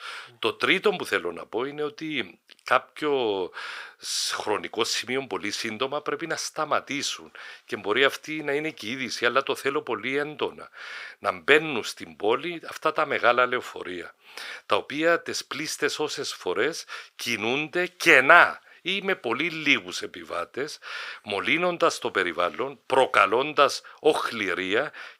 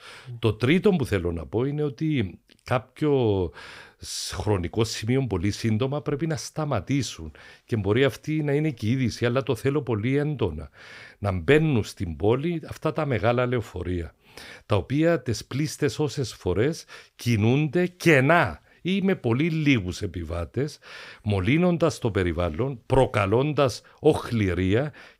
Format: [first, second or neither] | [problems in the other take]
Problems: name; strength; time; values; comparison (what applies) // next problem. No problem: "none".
second | thin; very; fading below 500 Hz